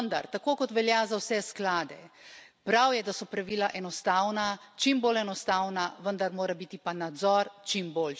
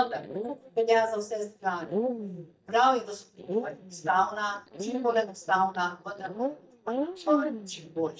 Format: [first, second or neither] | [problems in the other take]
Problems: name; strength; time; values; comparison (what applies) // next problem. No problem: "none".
first | noise reduction (neural mask model DeepFilterNet 3)